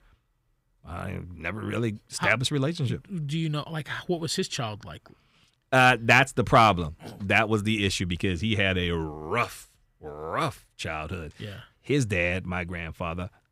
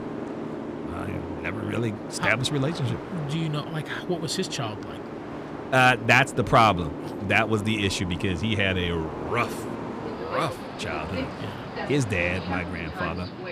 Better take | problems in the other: first | train or aircraft noise; loud; throughout; 9 dB below the speech

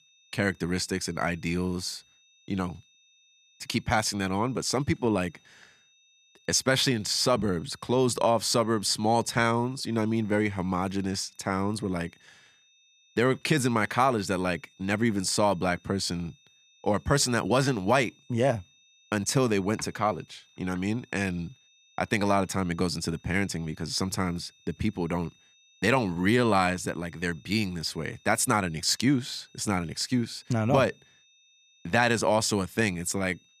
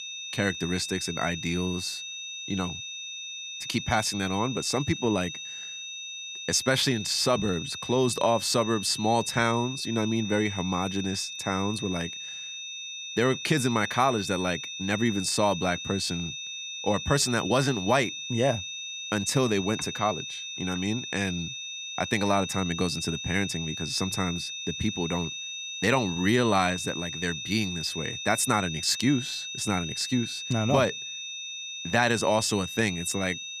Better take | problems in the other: first | high-pitched whine; loud; throughout; 3.5 kHz, 7 dB below the speech; faint in the first

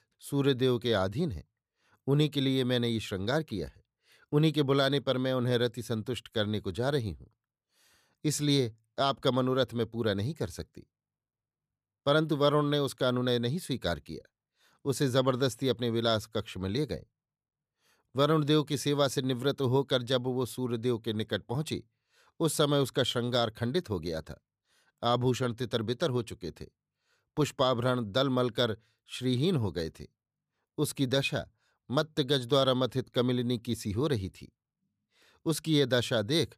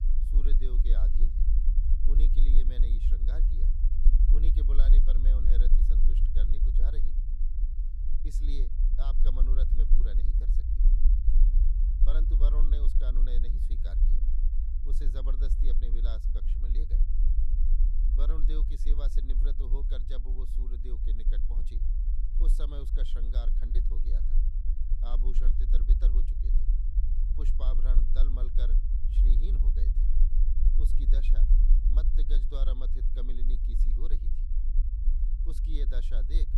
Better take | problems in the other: first | low rumble; loud; throughout; 4 dB below the speech

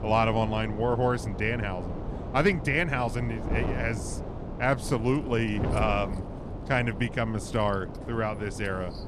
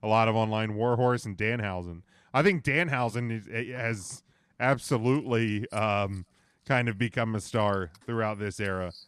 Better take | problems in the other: second | wind noise on the microphone; occasional gusts; 10 dB below the speech

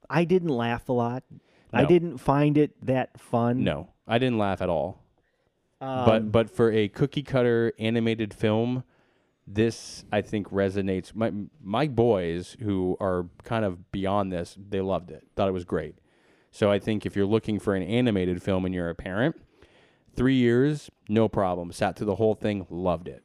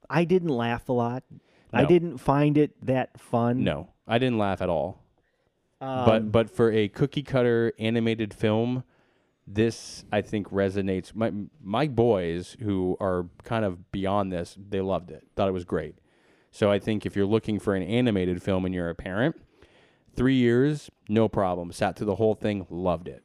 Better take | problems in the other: neither | none

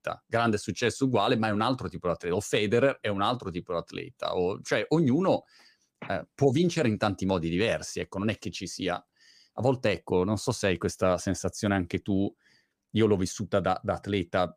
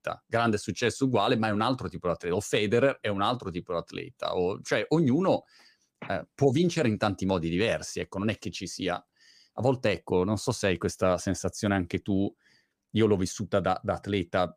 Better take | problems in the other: neither | none

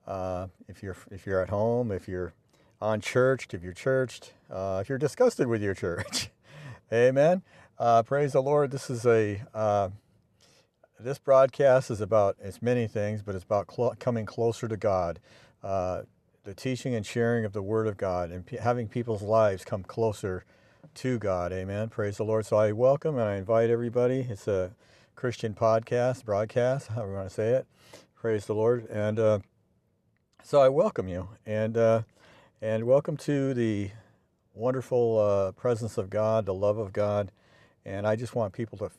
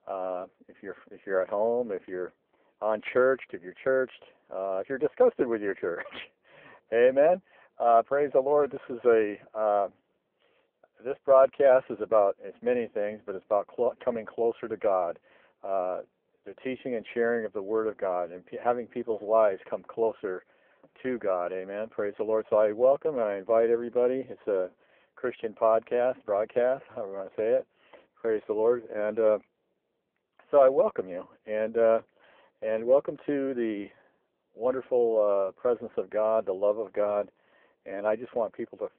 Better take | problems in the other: first | phone-call audio; poor line

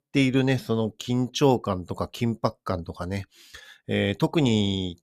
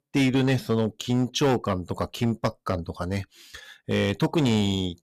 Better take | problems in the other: first | distortion; slight; 6% of the sound clipped

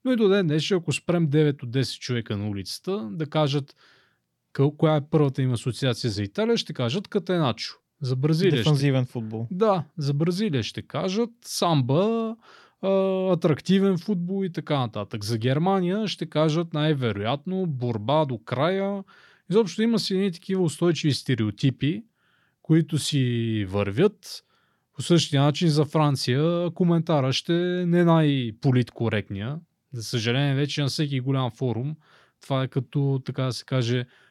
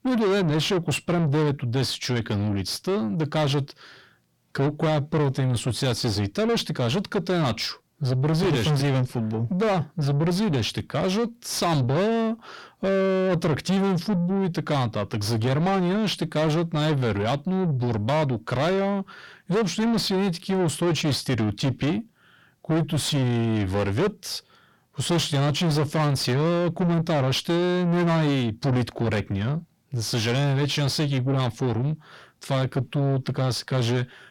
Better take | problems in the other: first | distortion; heavy; 7 dB below the speech

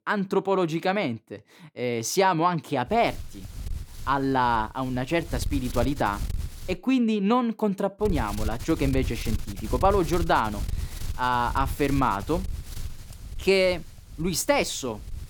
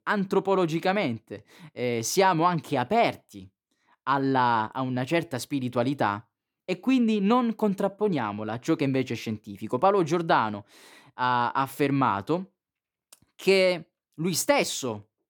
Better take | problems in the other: second | wind noise on the microphone; occasional gusts; from 3 to 6.5 s and from 8 s on; 20 dB below the speech

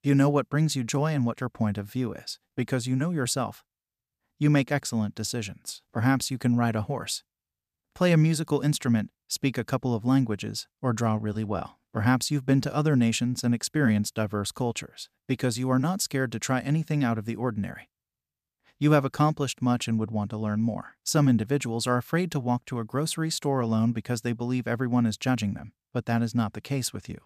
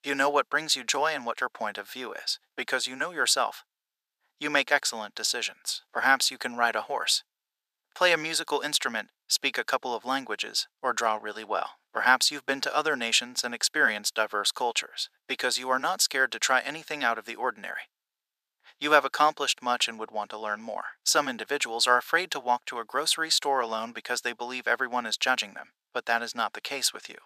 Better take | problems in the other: first | thin; very; fading below 500 Hz

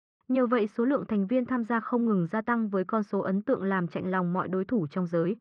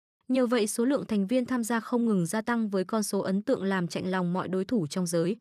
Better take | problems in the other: second | muffled; very; fading above 2.5 kHz

